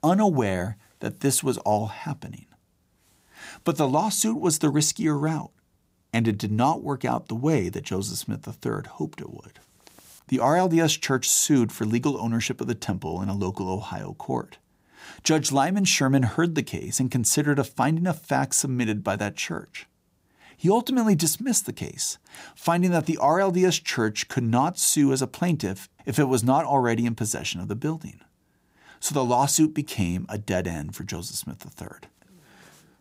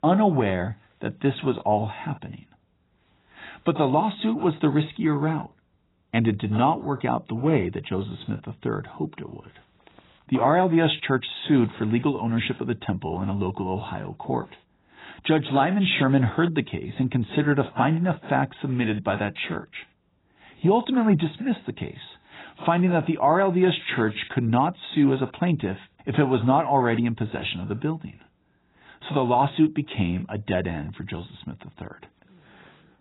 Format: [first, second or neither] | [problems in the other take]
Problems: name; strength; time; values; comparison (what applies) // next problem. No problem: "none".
first | garbled, watery; badly; nothing above 4 kHz